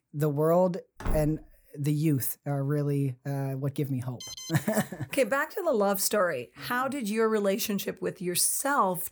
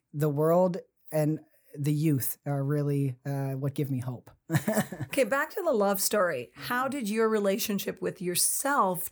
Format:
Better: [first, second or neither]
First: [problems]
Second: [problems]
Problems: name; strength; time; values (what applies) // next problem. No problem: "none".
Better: second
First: door banging; noticeable; at 1 s; peak 8 dB below the speech // alarm; faint; at 4 s; peak 10 dB below the speech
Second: none